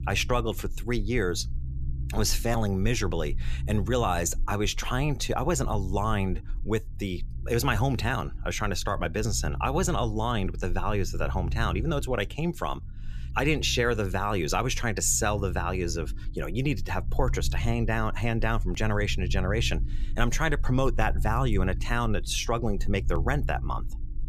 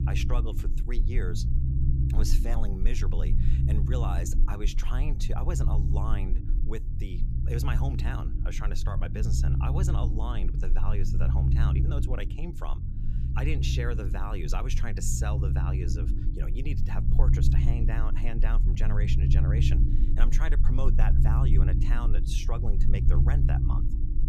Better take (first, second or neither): first